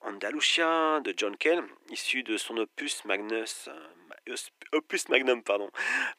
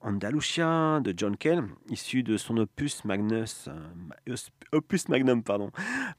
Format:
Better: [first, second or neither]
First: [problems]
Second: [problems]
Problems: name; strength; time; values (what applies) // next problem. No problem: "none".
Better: second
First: thin; very; fading below 350 Hz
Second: none